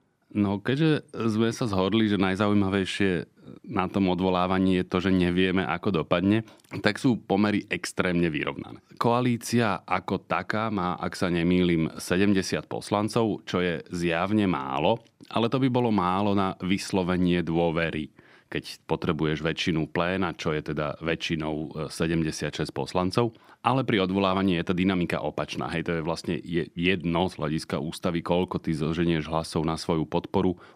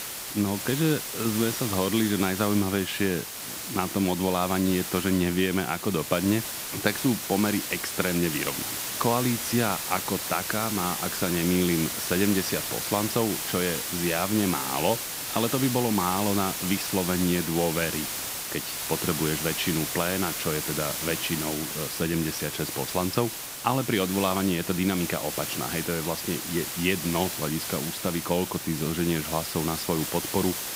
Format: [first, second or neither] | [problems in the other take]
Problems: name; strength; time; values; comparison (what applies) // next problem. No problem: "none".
first | hiss; loud; throughout; 3 dB below the speech